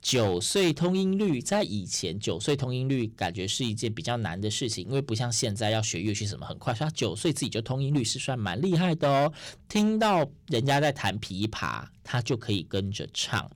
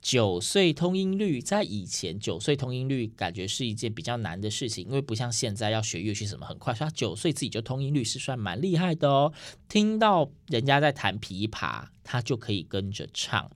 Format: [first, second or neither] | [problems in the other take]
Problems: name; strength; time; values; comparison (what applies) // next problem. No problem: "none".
second | distortion; slight; 5% of the sound clipped